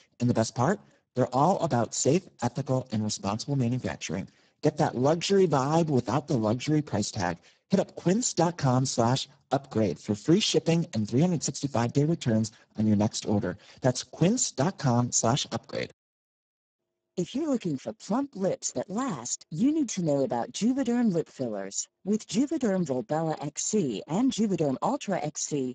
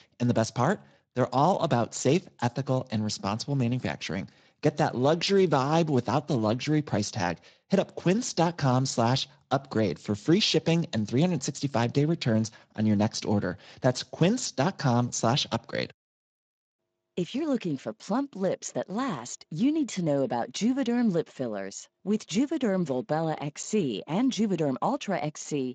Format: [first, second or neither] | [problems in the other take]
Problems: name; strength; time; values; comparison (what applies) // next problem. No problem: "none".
second | garbled, watery; badly; nothing above 7.5 kHz; slightly in the second